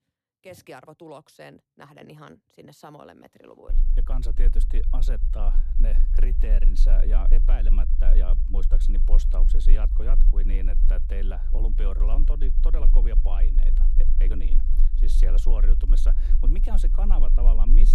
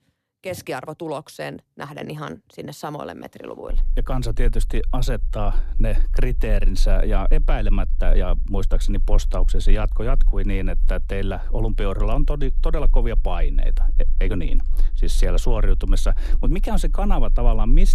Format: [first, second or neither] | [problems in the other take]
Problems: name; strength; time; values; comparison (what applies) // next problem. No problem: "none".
second | low rumble; loud; from 3.5 s on; 8 dB below the speech; faint in the second